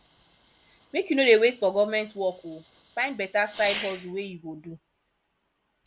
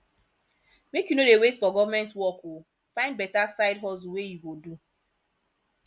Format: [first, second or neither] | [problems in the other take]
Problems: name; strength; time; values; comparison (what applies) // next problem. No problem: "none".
second | background sound (Fireworks); 17 dB below the speech